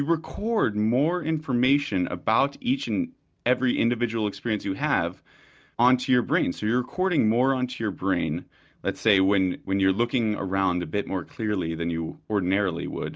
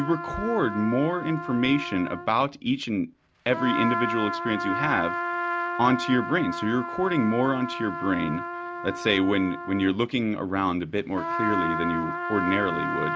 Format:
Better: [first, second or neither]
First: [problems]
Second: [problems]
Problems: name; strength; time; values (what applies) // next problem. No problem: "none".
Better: first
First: none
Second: background sound (Trumpet); 5 dB below the speech